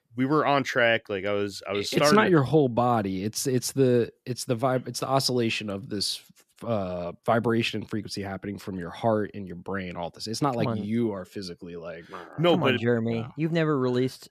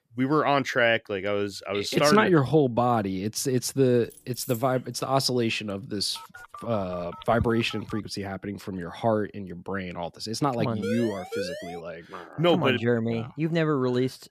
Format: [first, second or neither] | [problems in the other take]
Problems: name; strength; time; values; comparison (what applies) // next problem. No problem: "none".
first | jangling keys; faint; at 4 s; peak 15 dB below the speech // phone ringing; noticeable; from 6 to 8 s; peak 10 dB below the speech // siren; noticeable; at 11 s; peak 8 dB below the speech